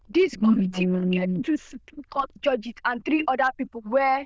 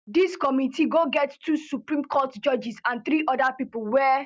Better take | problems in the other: second | noise reduction (neural diffusion model UNIVERSE++)

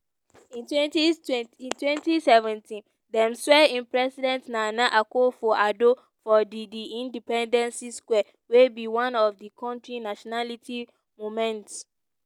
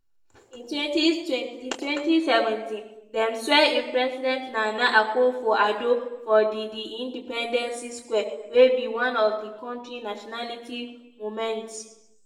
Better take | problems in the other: first | room echo; dies away in 0.8 s

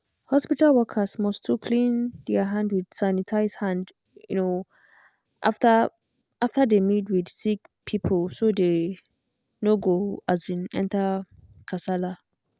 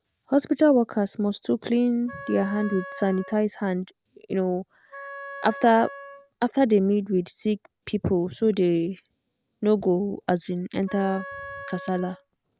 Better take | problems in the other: first | background sound (Wind instrument, woodwind instrument); 16 dB below the speech

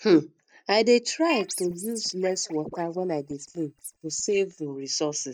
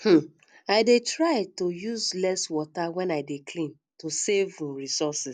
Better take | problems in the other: second | noise reduction (neural mask model DeepFilterNet 3)

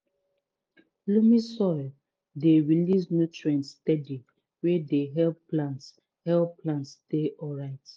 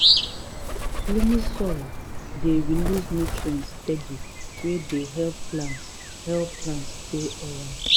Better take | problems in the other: first | background sound (Bird vocalization, bird call, bird song + Bird); 2 dB above the speech

